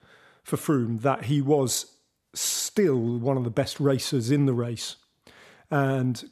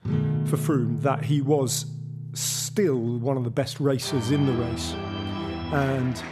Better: first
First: none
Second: background music; loud; throughout; 6 dB below the speech

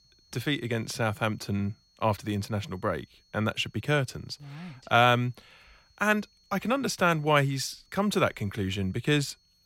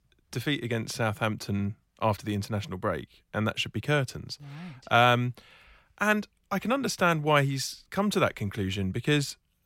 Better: second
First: high-pitched whine; faint; throughout; 4.5 kHz, 35 dB below the speech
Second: none

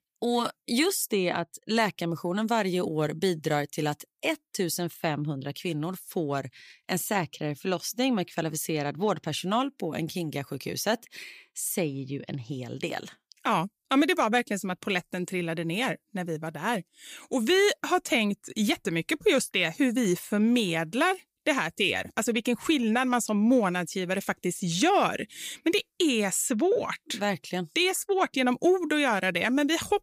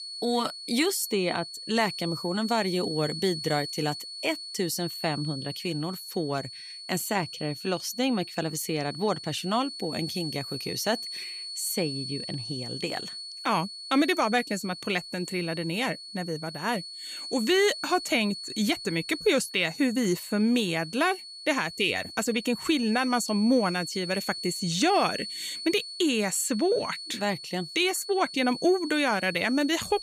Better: first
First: none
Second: high-pitched whine; loud; throughout; 4.5 kHz, 9 dB below the speech

